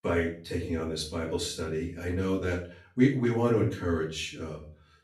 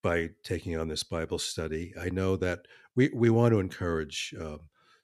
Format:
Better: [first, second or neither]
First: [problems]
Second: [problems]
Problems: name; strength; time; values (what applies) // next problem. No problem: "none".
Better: second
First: off-mic speech; far // room echo; slight; dies away in 0.4 s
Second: none